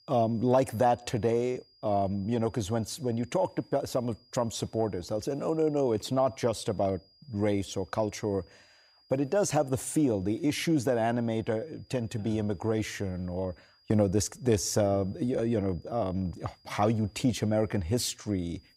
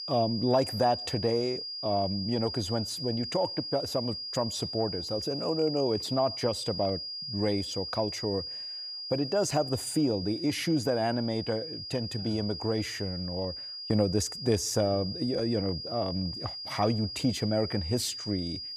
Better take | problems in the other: first | high-pitched whine; loud; throughout; 5 kHz, 5 dB below the speech; faint in the first

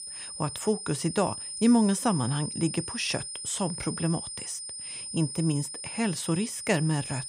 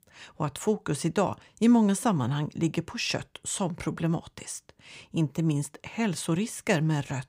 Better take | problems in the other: second | high-pitched whine; loud; throughout; 9 kHz, 7 dB below the speech

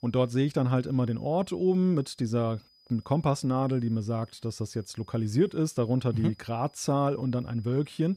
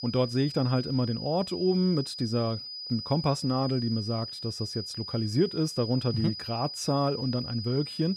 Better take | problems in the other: first | high-pitched whine; loud; throughout; 5 kHz, 8 dB below the speech; faint in the first

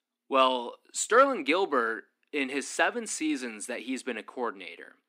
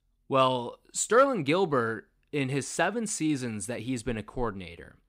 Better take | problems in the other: second | thin; very slightly; fading below 250 Hz

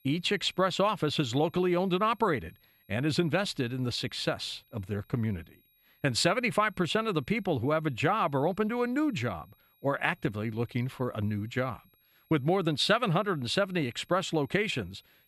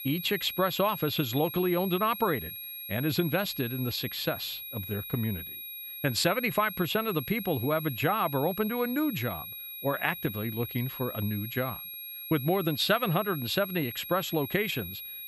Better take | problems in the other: first | high-pitched whine; loud; throughout; 11.5 kHz, 8 dB below the speech; faint in the first

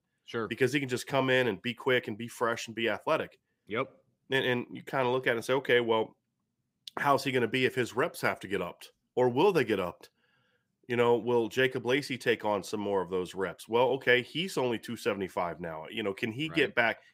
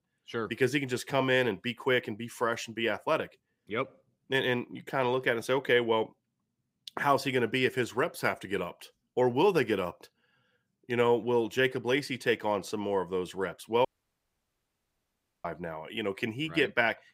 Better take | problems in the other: first | audio cutting out; at 14 s for 1.5 s

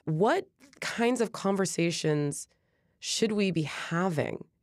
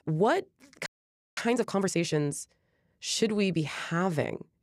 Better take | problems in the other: first | audio freezing; at 1 s for 0.5 s

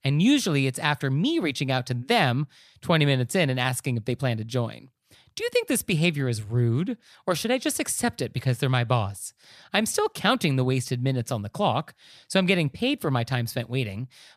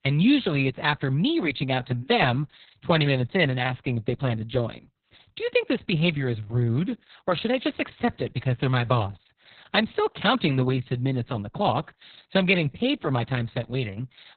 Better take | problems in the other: first | garbled, watery; badly; nothing above 4 kHz

